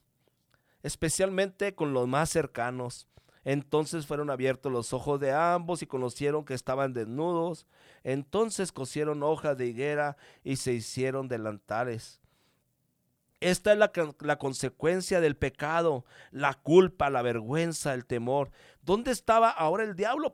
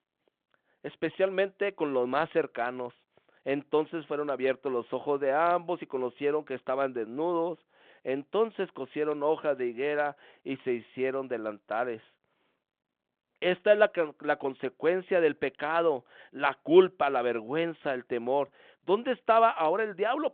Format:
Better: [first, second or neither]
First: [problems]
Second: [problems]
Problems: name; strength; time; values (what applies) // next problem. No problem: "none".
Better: first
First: none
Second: phone-call audio